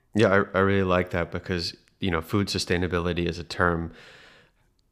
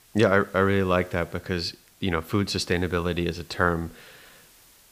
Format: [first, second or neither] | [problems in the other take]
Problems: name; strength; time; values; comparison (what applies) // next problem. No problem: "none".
first | hiss; faint; throughout; 30 dB below the speech